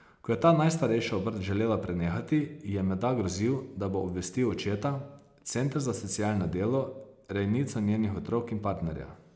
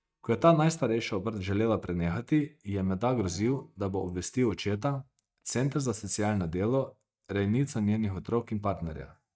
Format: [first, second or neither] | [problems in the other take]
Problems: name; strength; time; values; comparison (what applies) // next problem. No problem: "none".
first | noise reduction (neural mask model DeepFilterNet 3)